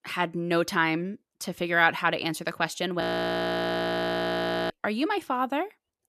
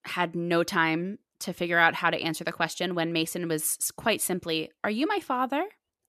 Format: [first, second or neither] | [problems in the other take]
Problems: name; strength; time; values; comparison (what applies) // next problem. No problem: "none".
second | audio freezing; at 3 s for 1.5 s